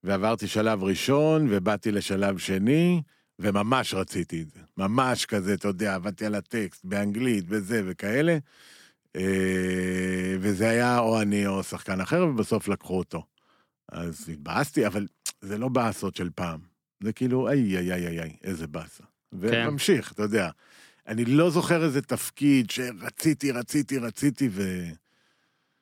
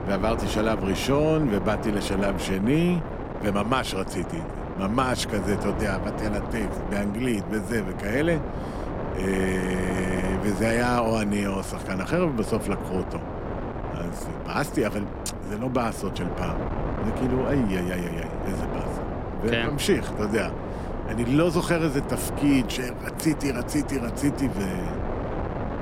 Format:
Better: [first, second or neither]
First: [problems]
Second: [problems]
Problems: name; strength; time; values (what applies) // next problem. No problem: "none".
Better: first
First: none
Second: wind noise on the microphone; heavy; 6 dB below the speech